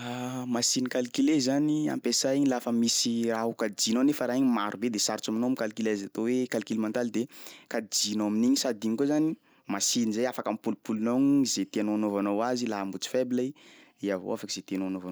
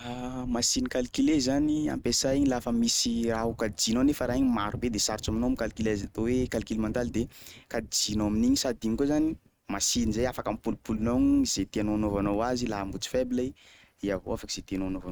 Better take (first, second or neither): first